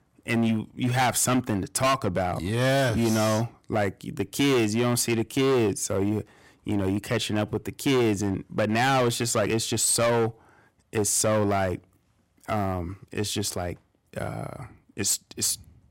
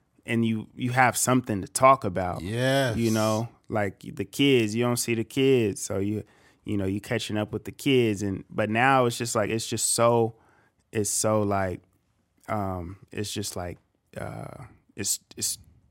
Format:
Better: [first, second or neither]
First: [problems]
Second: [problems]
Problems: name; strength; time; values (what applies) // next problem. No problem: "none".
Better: second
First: distortion; heavy; 11% of the sound clipped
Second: none